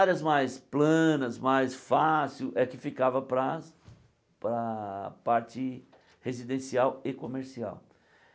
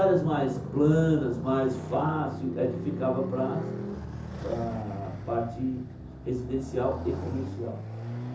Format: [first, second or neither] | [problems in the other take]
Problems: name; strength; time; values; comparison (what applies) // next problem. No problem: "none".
first | background sound (Motorcycle); 7 dB below the speech // room echo; dies away in 0.6 s